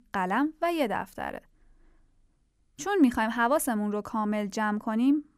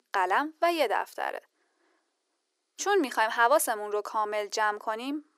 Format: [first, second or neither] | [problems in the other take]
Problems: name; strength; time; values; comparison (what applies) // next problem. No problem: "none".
first | thin; very; fading below 350 Hz